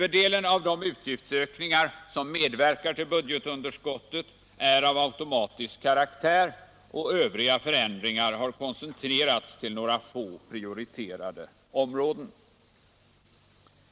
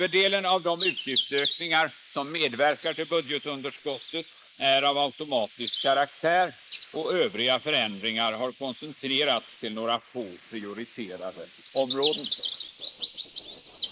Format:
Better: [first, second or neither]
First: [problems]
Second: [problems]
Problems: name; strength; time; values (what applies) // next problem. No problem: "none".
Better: first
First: none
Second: noise reduction (neural mask model Resemble Enhance denoiser)